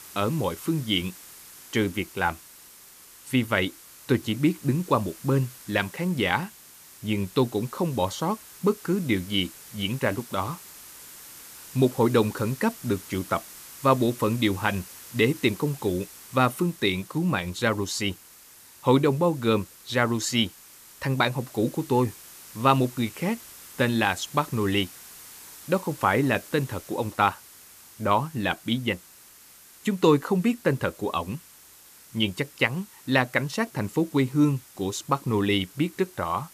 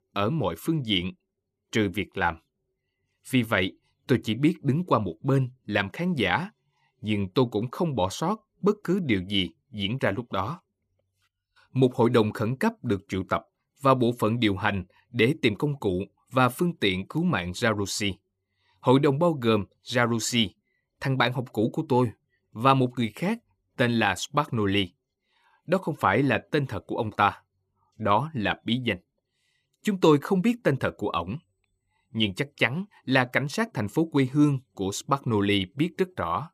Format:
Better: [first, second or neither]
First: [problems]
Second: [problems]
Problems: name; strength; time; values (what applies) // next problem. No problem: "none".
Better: second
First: hiss; noticeable; throughout; 20 dB below the speech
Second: none